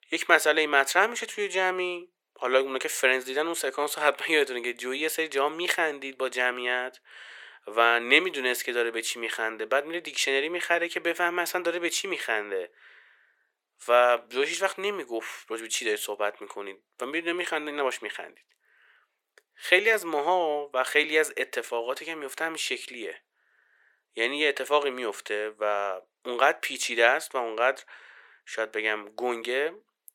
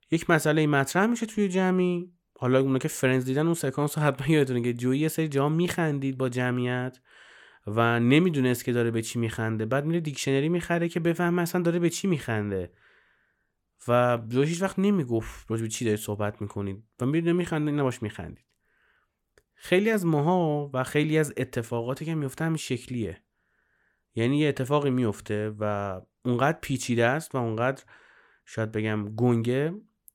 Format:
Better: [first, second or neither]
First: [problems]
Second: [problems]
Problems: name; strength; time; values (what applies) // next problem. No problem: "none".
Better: second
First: thin; very; fading below 450 Hz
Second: none